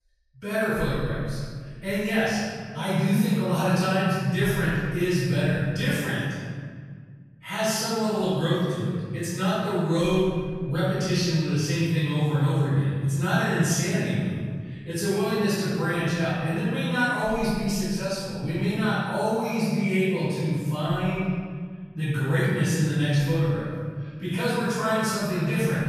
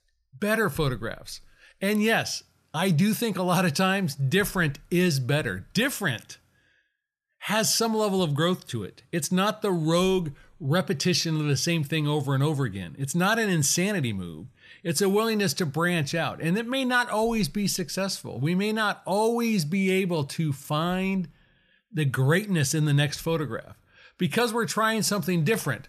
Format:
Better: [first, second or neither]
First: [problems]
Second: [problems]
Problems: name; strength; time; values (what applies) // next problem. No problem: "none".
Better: second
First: room echo; strong; dies away in 2 s // off-mic speech; far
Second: none